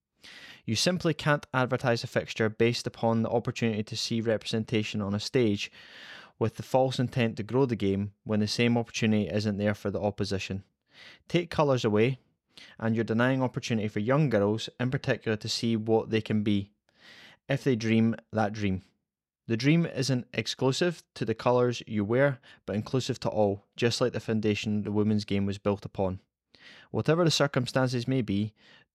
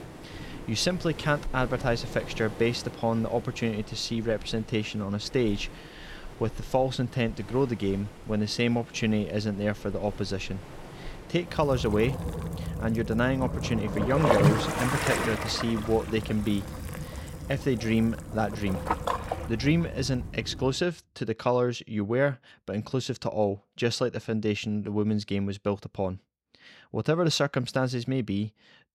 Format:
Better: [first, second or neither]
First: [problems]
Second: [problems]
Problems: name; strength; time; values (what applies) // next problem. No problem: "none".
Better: first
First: none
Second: rain or running water; loud; until 21 s; 5 dB below the speech